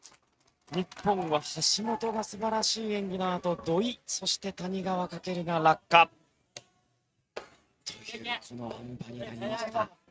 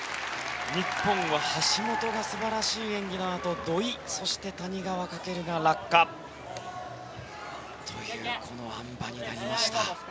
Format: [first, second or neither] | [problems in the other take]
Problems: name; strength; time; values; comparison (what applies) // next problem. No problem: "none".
second | noise reduction (neural mask model RNNoise)